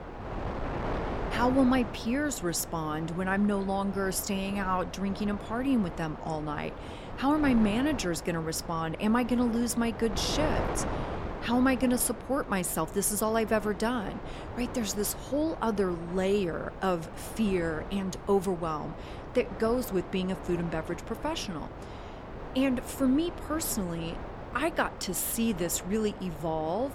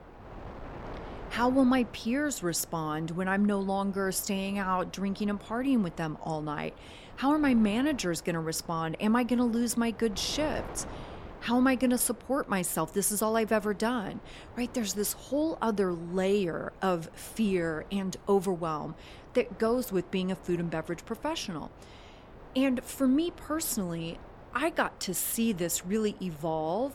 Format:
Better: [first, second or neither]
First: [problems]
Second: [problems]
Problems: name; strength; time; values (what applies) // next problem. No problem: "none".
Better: second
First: wind noise on the microphone; heavy; 9 dB below the speech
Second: wind noise on the microphone; occasional gusts; 20 dB below the speech